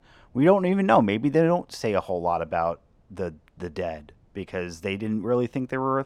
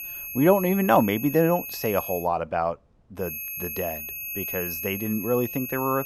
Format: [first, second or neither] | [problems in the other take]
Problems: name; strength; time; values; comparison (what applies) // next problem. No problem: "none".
first | high-pitched whine; loud; until 2 s and from 3 s on; 11.5 kHz, 7 dB below the speech